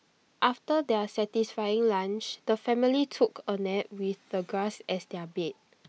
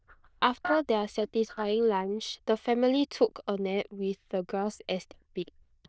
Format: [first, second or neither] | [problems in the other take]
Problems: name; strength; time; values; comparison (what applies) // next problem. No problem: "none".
first | noise reduction (neural diffusion model UNIVERSE++)